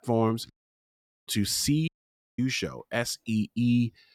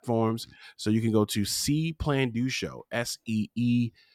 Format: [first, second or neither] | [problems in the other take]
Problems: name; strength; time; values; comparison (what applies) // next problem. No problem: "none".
second | audio cutting out; at 0.5 s for 1 s and at 2 s for 0.5 s